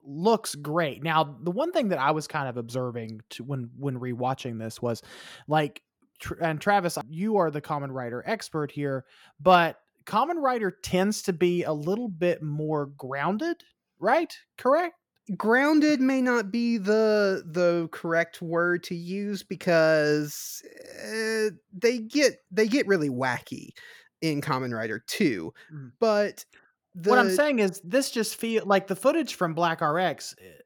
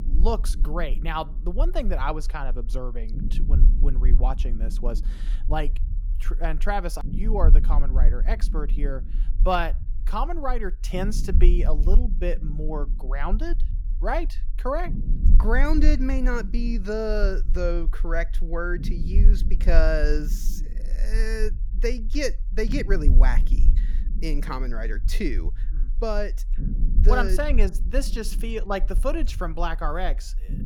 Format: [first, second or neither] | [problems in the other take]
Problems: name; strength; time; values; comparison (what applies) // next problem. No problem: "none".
first | low rumble; noticeable; throughout; 15 dB below the speech